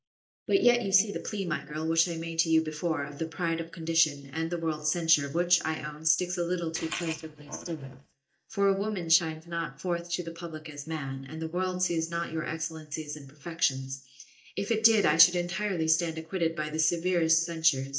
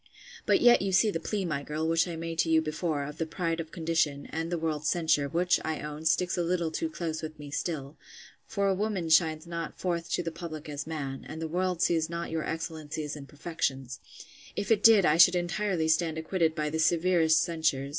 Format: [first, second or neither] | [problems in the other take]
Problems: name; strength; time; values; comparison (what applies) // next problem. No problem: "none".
second | noise reduction (neural mask model DeepFilterNet 3)